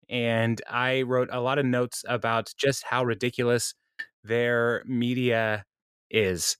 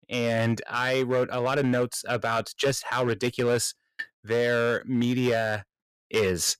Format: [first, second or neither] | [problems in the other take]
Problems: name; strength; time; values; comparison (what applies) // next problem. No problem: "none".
first | distortion; slight; 6% of the sound clipped